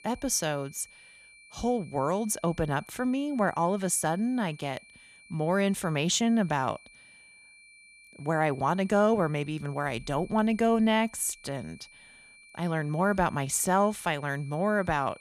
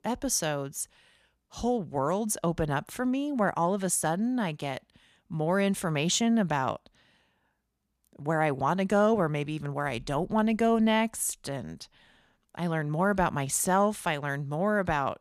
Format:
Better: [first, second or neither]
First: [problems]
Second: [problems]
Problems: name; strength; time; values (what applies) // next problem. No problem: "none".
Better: second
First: high-pitched whine; faint; throughout; 2.5 kHz, 25 dB below the speech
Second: none